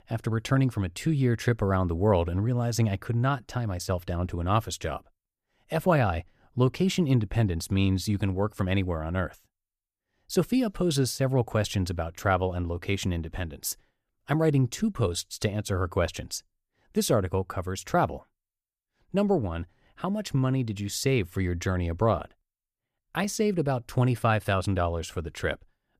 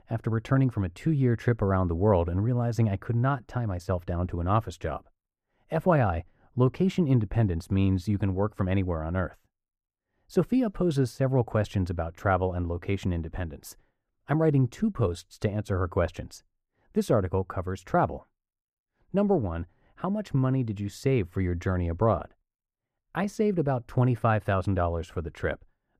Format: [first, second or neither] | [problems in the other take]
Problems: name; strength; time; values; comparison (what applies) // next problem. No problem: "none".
first | muffled; slightly; fading above 2.5 kHz